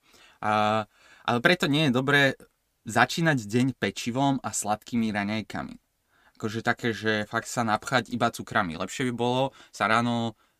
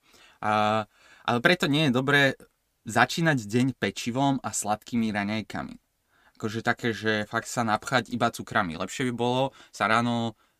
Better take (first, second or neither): neither